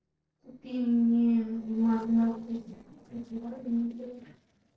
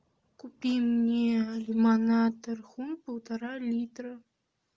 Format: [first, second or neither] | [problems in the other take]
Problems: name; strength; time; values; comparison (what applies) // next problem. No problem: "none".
second | noise reduction (neural separator model SepFormer DNS4)